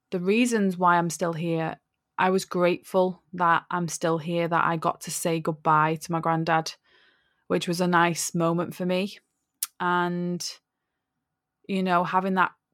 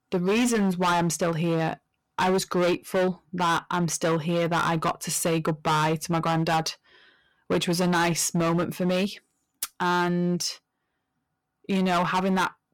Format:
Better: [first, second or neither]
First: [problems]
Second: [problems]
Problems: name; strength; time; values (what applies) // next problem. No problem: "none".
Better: first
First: none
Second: distortion; heavy; 15% of the sound clipped